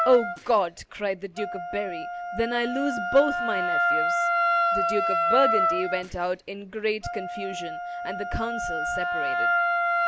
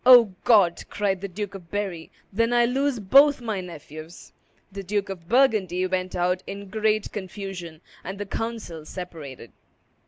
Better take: second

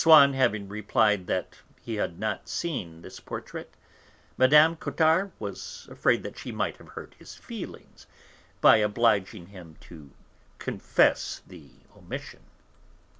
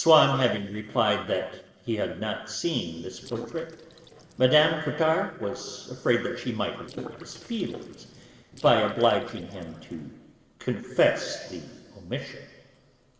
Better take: first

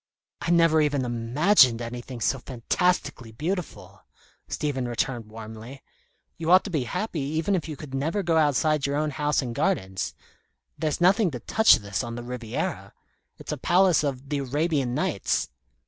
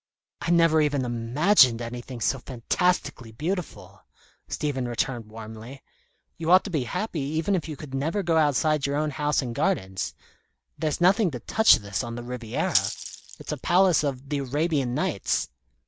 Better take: first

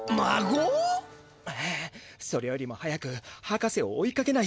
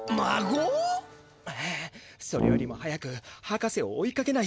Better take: first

